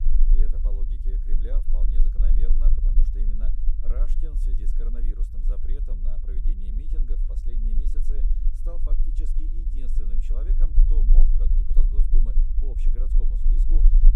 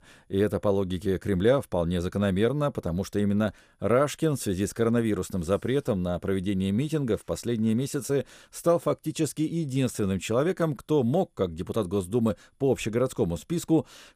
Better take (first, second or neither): second